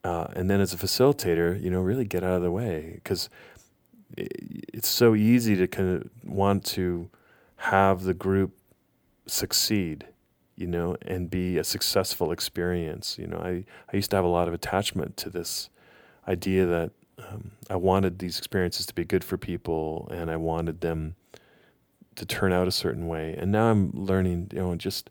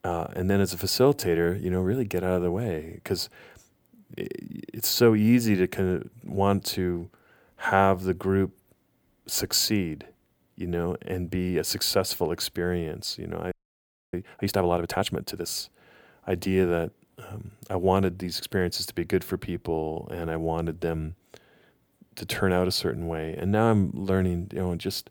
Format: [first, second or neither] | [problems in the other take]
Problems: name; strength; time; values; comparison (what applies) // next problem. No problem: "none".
first | audio freezing; at 14 s for 0.5 s